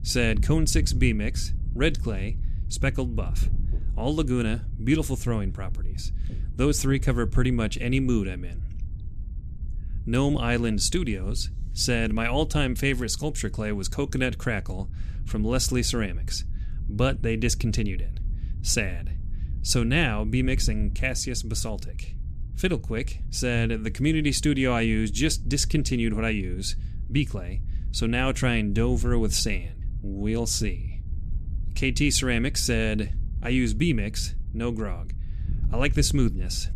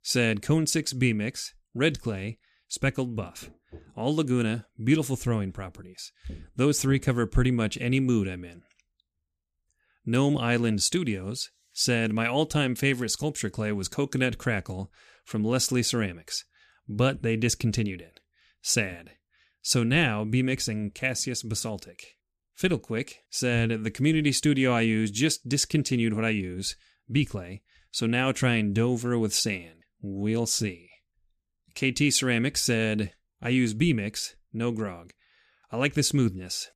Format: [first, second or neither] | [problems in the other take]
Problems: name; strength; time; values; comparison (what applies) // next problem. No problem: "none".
second | wind noise on the microphone; occasional gusts; 20 dB below the speech